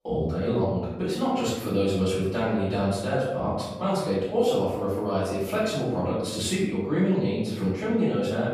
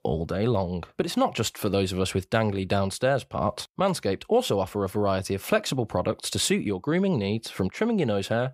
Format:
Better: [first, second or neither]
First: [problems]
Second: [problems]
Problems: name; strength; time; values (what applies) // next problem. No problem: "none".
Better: second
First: off-mic speech; far // room echo; noticeable; dies away in 1 s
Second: none